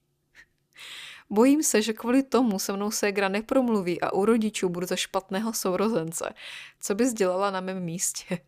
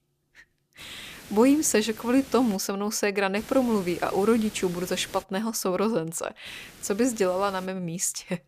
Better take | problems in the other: first | hiss; noticeable; from 1 to 2.5 s, from 3.5 to 5 s and from 6.5 to 7.5 s; 20 dB below the speech

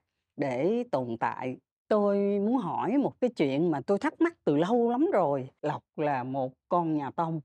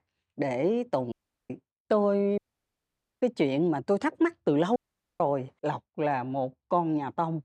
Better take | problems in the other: first | audio cutting out; at 1 s, at 2.5 s for 1 s and at 5 s

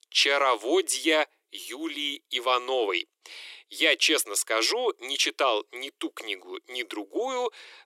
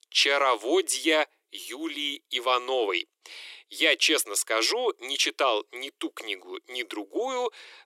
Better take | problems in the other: neither | thin; very; fading below 300 Hz; the same in both

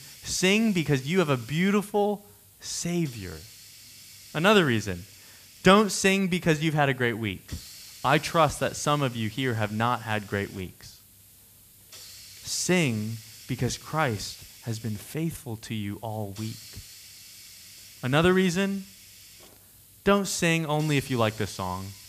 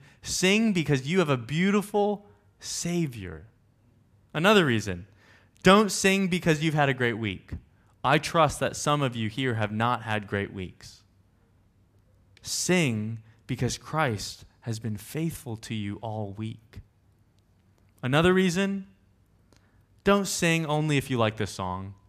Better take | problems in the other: second | hiss; faint; throughout; 20 dB below the speech

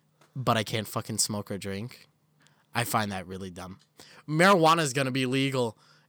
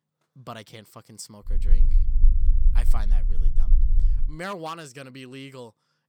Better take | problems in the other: first | low rumble; noticeable; from 1.5 to 4.5 s; 15 dB below the speech

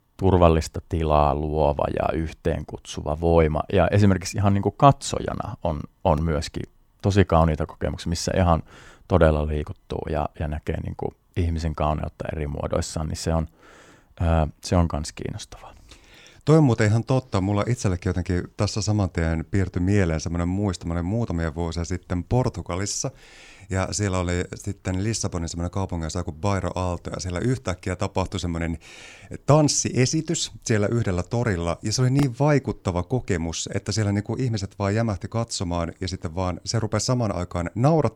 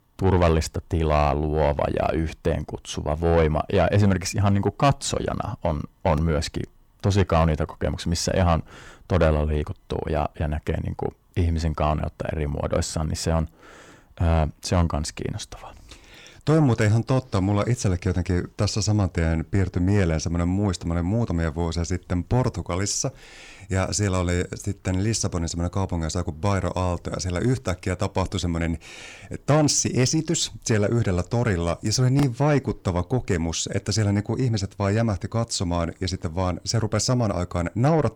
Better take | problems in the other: first | distortion; slight; 10 dB below the speech

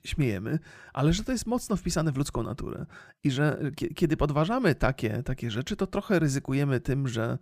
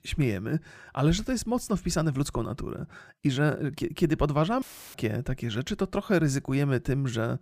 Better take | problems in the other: first | audio cutting out; filled with static; at 4.5 s

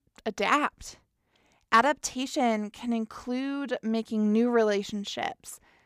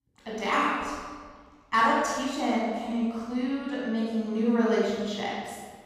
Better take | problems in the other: first | off-mic speech; far // room echo; strong; dies away in 1.5 s

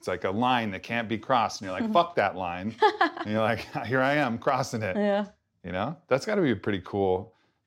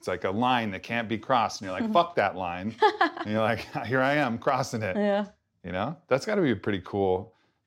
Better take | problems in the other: neither | none

